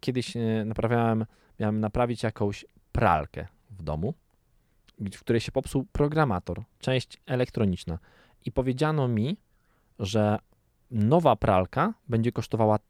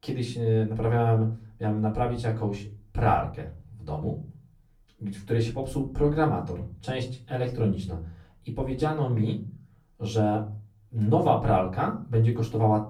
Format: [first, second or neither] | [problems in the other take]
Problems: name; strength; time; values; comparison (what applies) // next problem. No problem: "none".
first | off-mic speech; far // room echo; slight; dies away in 0.4 s